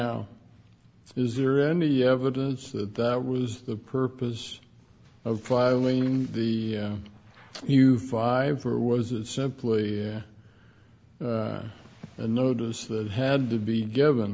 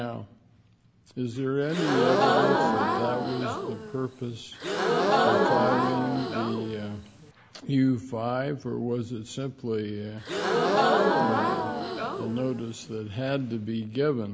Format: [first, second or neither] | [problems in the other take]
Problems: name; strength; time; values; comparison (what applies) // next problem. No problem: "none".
first | background sound (Crowd / Gasp); 5 dB above the speech